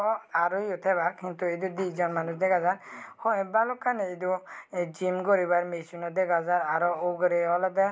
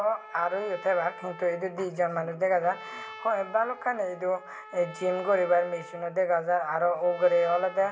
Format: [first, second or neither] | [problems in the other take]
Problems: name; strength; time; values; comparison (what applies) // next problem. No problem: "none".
first | background sound (Trumpet); 18 dB below the speech // room echo; dies away in 0.6 s